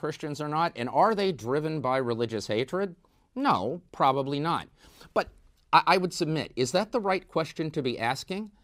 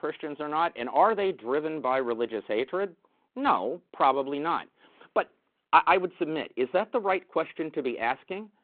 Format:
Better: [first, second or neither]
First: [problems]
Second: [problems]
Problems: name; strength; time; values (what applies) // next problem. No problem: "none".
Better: first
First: none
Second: phone-call audio; nothing above 4 kHz